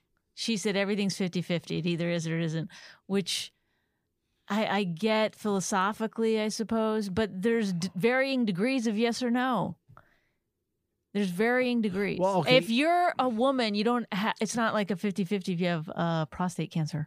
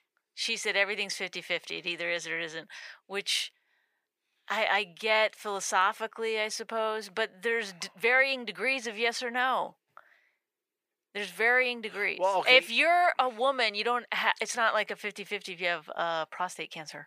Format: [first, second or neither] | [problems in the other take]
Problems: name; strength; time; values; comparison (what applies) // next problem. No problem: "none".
first | thin; very; fading below 650 Hz